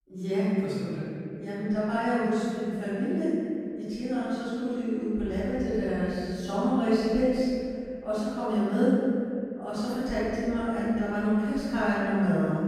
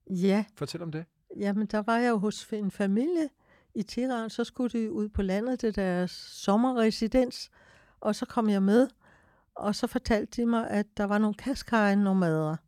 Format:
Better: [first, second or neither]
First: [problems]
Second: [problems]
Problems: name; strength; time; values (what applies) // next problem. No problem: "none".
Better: second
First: room echo; strong; dies away in 2.6 s // off-mic speech; far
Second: none